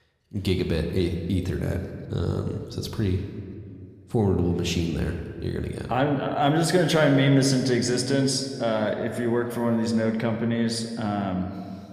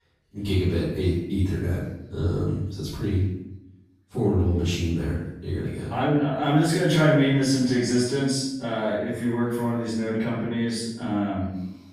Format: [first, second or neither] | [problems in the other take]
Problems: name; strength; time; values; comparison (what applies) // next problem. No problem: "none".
first | room echo; strong; dies away in 0.7 s; slight in the first // off-mic speech; far